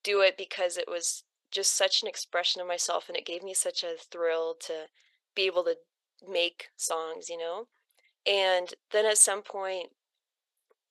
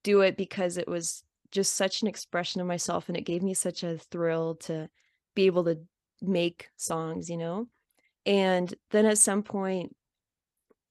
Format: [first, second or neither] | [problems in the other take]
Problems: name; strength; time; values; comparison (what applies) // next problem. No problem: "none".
second | thin; very; fading below 500 Hz